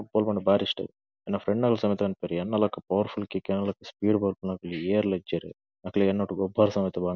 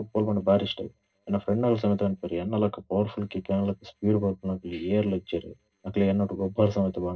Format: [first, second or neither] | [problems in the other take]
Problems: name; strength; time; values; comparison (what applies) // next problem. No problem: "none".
first | noise reduction (neural separator model SepFormer DNS4)